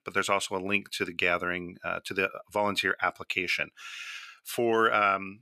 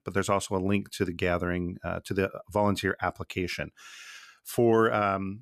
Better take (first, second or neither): second